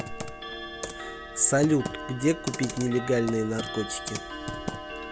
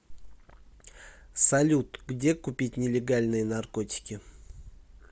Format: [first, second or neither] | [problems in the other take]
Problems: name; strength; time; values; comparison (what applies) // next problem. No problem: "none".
second | background sound (Clock + Computer keyboard); 8 dB below the speech